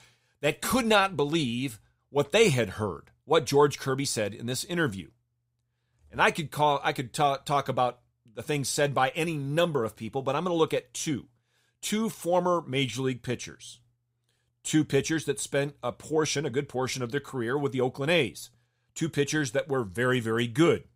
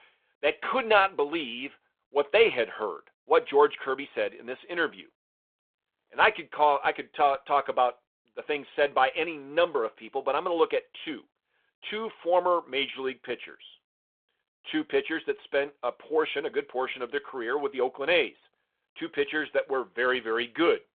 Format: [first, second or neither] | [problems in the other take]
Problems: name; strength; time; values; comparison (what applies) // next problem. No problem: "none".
first | phone-call audio